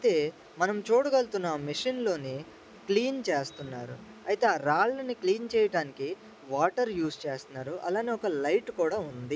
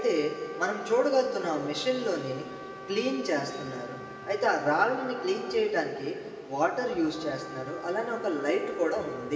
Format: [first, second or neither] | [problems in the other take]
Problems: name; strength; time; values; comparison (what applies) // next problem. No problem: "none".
first | background sound (Trumpet); 15 dB below the speech // room echo; dies away in 2.5 s